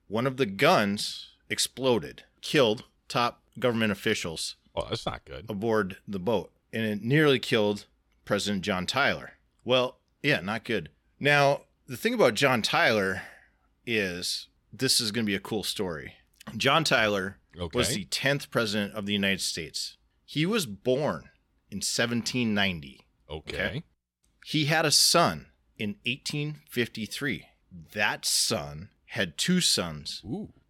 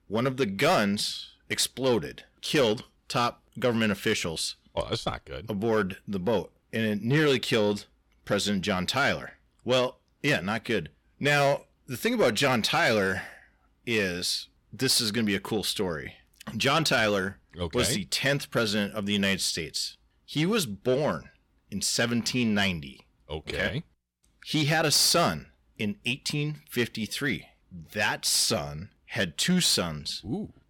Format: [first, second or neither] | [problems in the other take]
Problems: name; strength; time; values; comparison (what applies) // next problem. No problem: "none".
first | distortion; slight; 10 dB below the speech